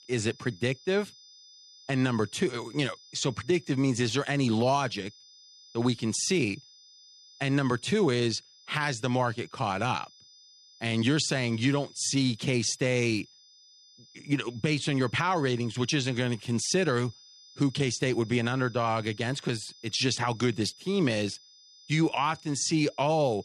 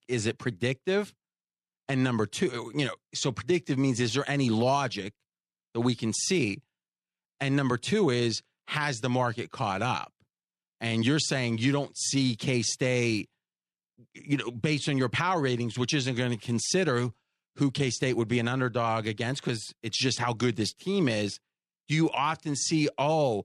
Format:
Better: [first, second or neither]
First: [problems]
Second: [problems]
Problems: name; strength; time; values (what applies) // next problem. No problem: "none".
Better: second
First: high-pitched whine; faint; throughout; 5 kHz, 25 dB below the speech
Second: none